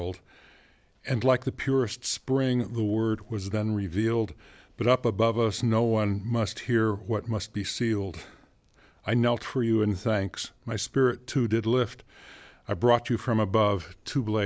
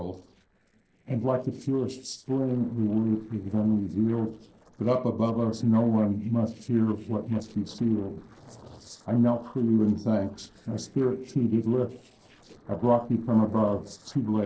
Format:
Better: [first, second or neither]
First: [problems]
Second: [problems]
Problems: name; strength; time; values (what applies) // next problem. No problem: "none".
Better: first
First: none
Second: noise reduction (neural separator model SepFormer DNS4)